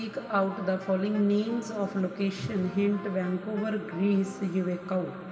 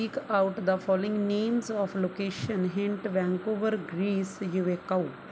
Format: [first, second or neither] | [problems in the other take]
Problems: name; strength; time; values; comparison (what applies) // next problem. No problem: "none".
second | background sound (Wind instrument, woodwind instrument); 19 dB below the speech // room echo; dies away in 2 s